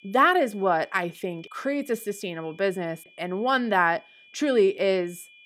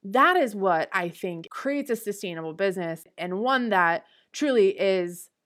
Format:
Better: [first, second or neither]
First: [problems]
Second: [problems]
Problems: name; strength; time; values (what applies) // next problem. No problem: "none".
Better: second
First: high-pitched whine; faint; throughout; 2.5 kHz, 25 dB below the speech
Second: none